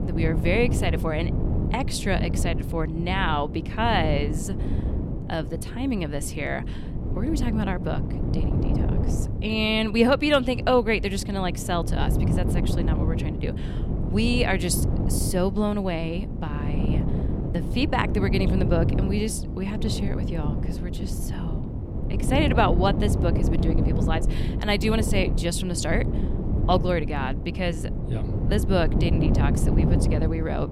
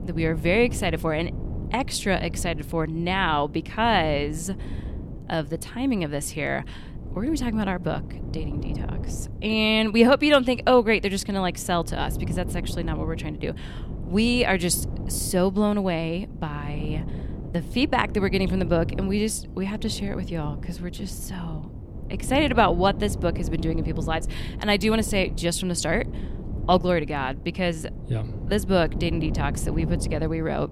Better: second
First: wind noise on the microphone; heavy; 8 dB below the speech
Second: wind noise on the microphone; occasional gusts; 20 dB below the speech

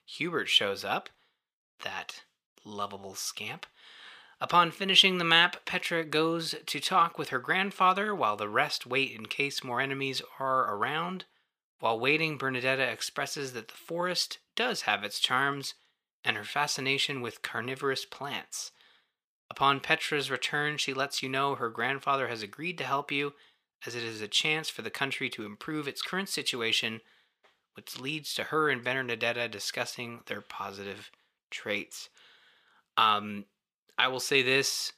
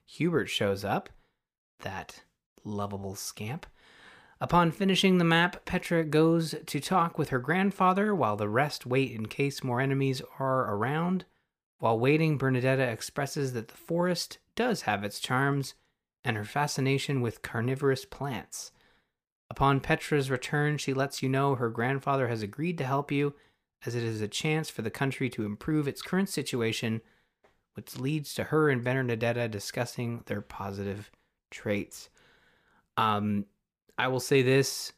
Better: second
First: thin; somewhat; fading below 500 Hz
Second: none

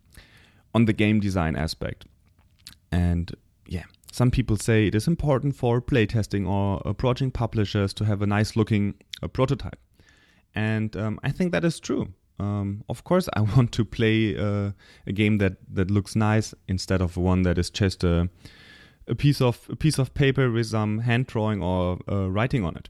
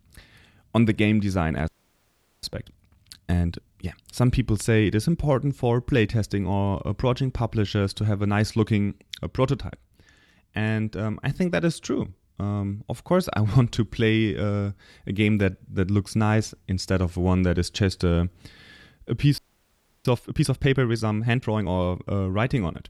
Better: first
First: none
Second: audio freezing; at 1.5 s for 1 s and at 19 s for 0.5 s

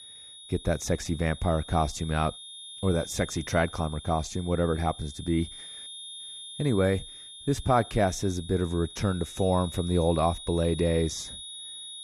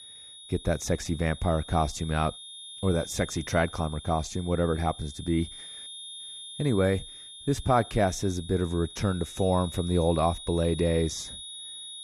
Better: neither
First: high-pitched whine; noticeable; throughout; 3.5 kHz, 15 dB below the speech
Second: high-pitched whine; noticeable; throughout; 3.5 kHz, 15 dB below the speech

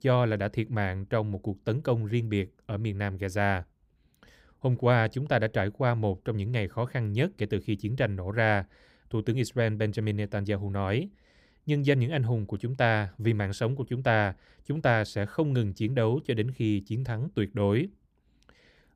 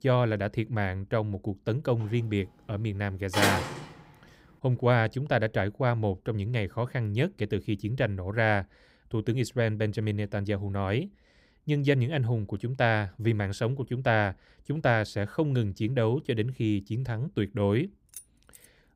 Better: first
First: none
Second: door banging; loud; at 3.5 s; peak 3 dB above the speech // jangling keys; faint; at 18 s; peak 20 dB below the speech

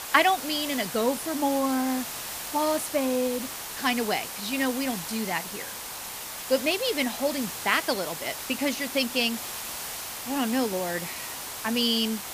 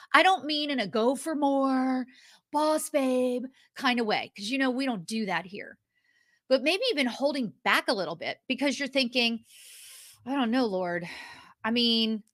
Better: second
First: hiss; loud; throughout; 6 dB below the speech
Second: none

